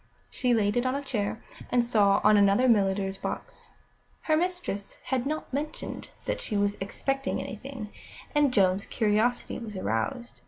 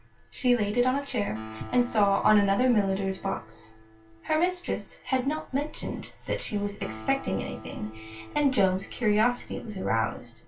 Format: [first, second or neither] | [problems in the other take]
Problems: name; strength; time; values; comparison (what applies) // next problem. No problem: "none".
first | background sound (Acoustic guitar); 18 dB below the speech // room echo; dies away in 0.2 s